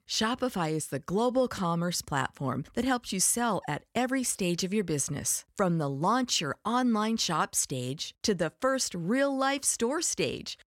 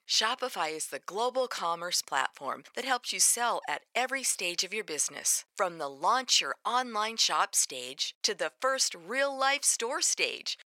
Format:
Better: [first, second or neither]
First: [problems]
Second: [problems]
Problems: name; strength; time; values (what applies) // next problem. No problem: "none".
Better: first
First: none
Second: thin; very; fading below 700 Hz